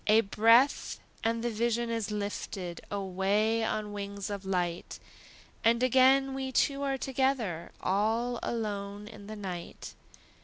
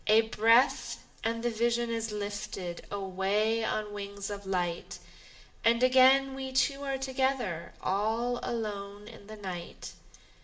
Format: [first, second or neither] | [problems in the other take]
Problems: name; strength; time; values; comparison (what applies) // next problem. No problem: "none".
first | room echo; dies away in 0.6 s